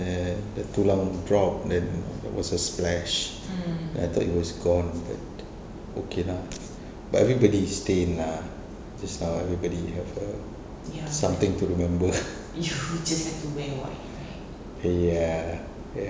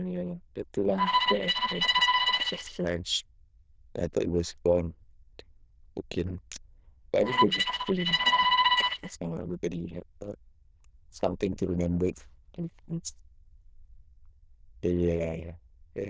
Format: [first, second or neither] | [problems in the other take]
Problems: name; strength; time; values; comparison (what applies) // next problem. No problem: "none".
first | noise reduction (neural diffusion model UNIVERSE++)